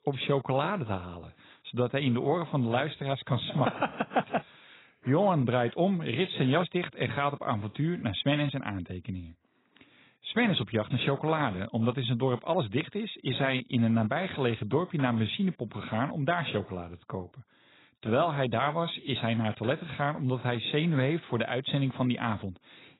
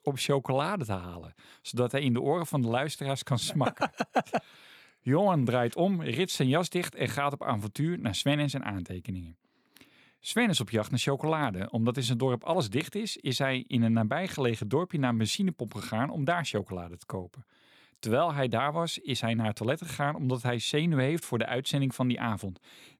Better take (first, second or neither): second